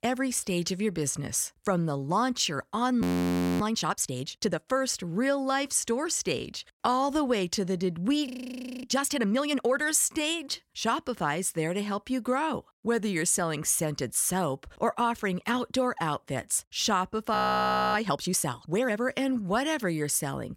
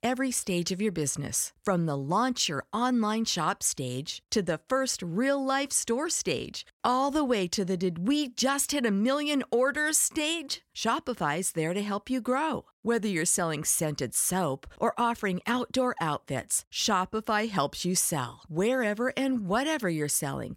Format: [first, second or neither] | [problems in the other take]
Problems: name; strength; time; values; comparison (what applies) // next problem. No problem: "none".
second | audio freezing; at 3 s for 0.5 s, at 8.5 s for 0.5 s and at 17 s for 0.5 s